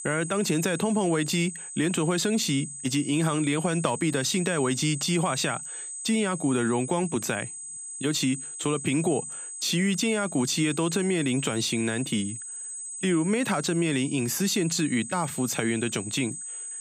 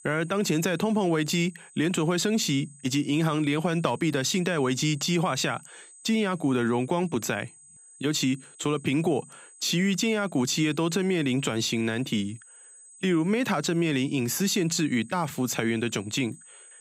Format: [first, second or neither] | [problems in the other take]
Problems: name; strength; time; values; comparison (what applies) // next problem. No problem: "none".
second | high-pitched whine; loud; throughout; 8 kHz, 9 dB below the speech; faint in the second